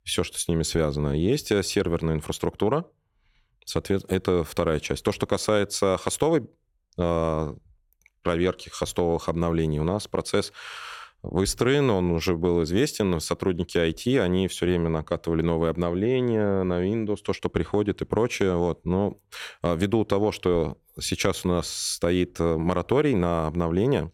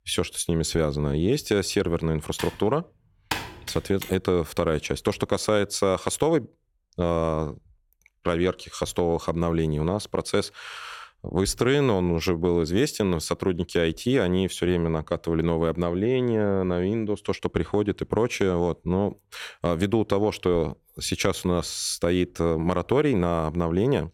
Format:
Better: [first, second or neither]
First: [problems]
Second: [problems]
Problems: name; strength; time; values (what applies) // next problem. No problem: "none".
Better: first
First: none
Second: keyboard typing; noticeable; from 2.5 to 4 s; peak 6 dB below the speech